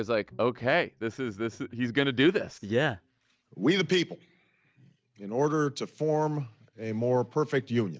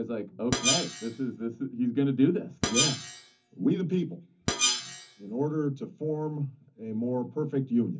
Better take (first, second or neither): first